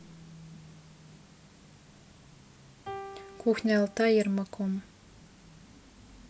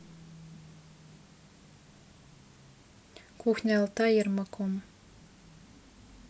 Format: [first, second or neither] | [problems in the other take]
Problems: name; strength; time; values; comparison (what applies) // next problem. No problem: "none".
second | background sound (Piano); 12 dB below the speech